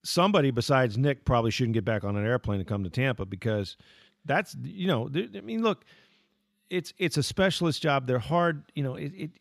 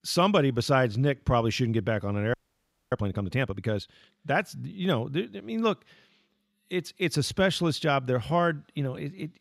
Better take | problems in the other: first | audio freezing; at 2.5 s for 0.5 s

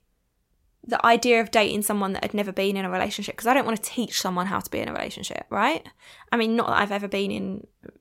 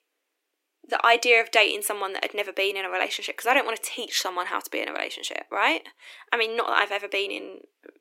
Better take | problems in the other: first | thin; very; fading below 300 Hz

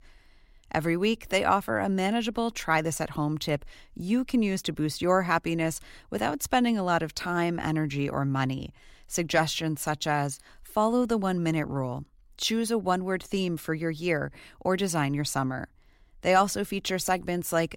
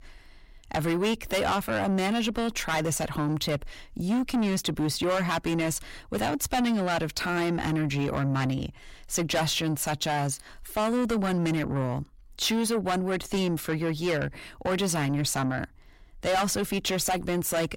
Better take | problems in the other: first | distortion; heavy; 6 dB below the speech

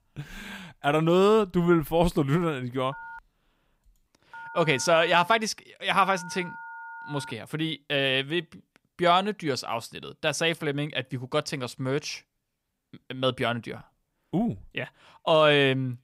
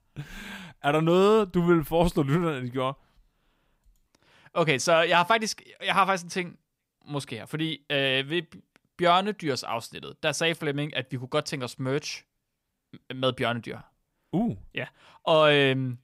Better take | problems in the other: second | phone ringing; faint; from 3 to 7.5 s; peak 15 dB below the speech

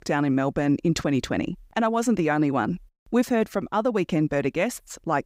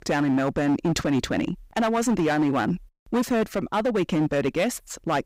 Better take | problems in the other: first | distortion; slight; 13% of the sound clipped

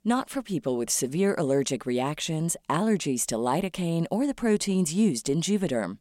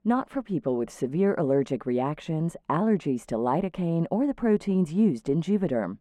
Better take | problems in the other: first | muffled; very; fading above 3 kHz

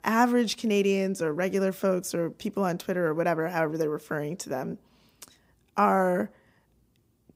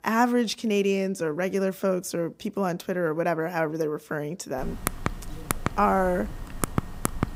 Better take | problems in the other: first | keyboard typing; noticeable; from 4.5 s on; peak 3 dB below the speech

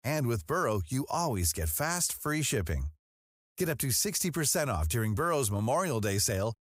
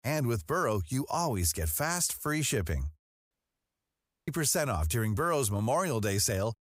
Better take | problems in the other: first | audio cutting out; at 3.5 s for 1 s

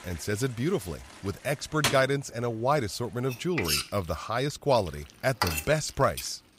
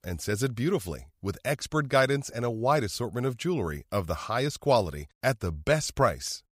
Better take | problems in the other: second | household noises; loud; throughout; 2 dB below the speech

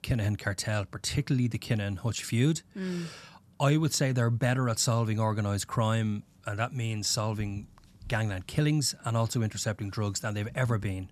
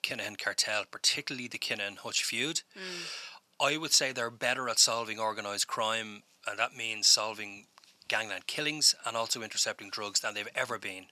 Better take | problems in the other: first | thin; very; fading below 550 Hz

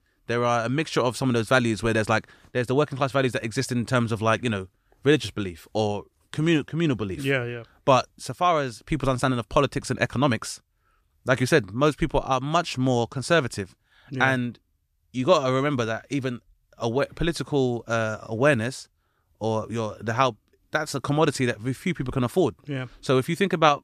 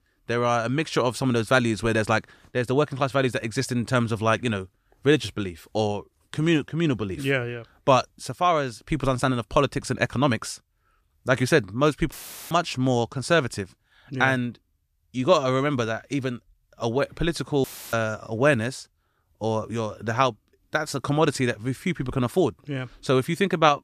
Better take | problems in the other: first | audio cutting out; filled with static; at 12 s and at 18 s

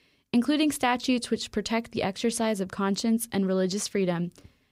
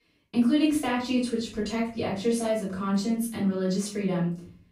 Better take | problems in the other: first | off-mic speech; far // room echo; noticeable; dies away in 0.4 s

